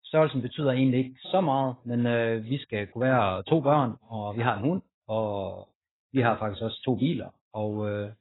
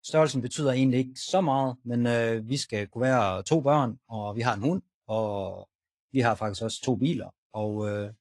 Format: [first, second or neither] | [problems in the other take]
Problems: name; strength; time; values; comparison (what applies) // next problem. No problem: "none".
second | garbled, watery; badly; nothing above 4 kHz; slightly in the second